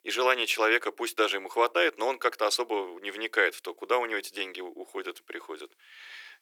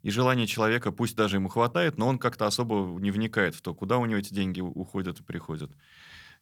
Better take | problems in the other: second | thin; very; fading below 350 Hz

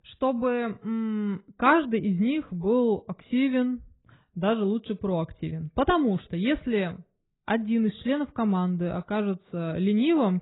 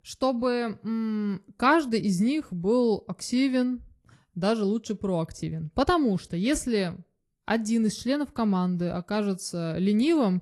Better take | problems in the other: second | garbled, watery; badly; nothing above 4 kHz; slightly in the second

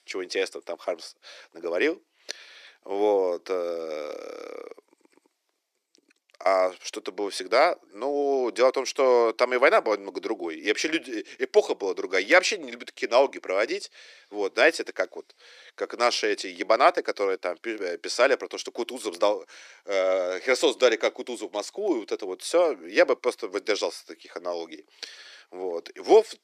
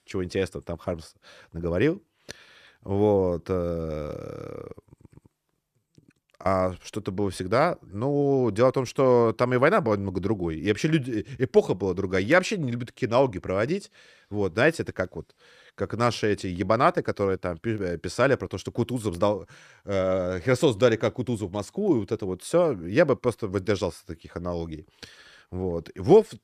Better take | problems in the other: second | thin; very; fading below 300 Hz

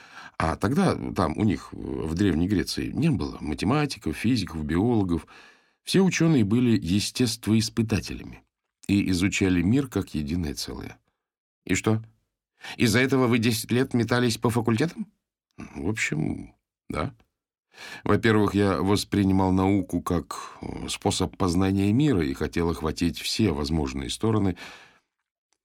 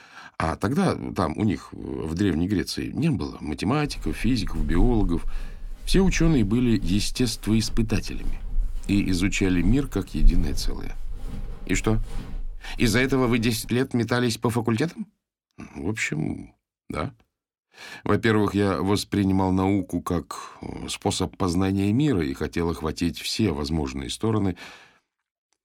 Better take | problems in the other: first | footsteps; noticeable; from 4 to 13 s; peak 2 dB below the speech

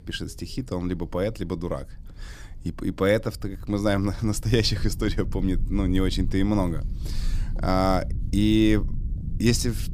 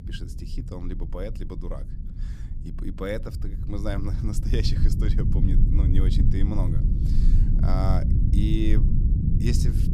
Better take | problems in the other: first | low rumble; loud; throughout; 2 dB below the speech; faint in the first

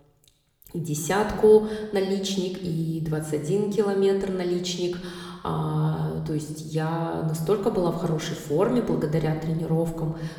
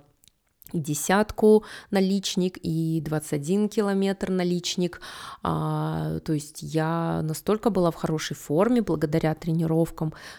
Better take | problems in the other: second | room echo; slight; dies away in 1.1 s

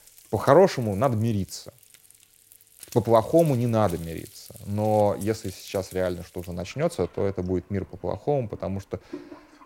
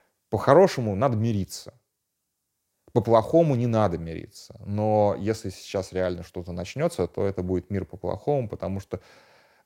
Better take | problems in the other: second | household noises; faint; throughout; 20 dB below the speech

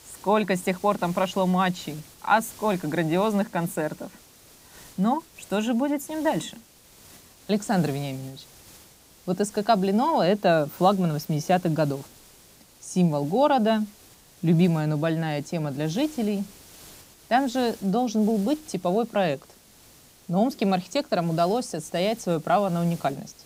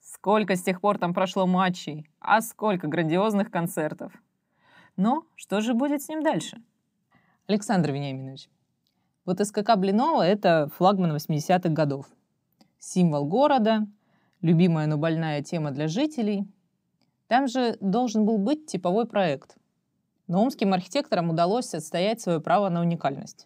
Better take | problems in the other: second | hiss; faint; throughout; 20 dB below the speech

